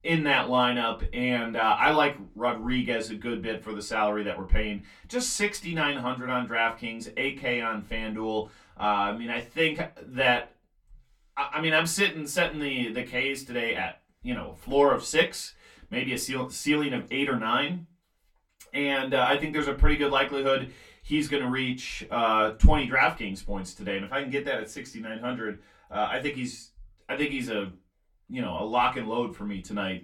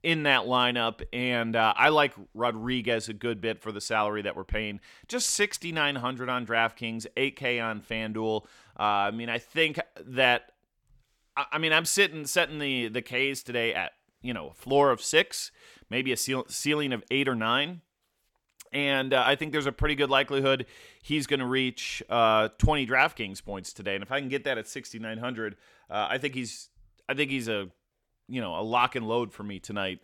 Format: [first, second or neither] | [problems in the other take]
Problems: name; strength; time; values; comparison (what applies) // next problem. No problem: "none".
second | off-mic speech; far // room echo; very slight; dies away in 0.2 s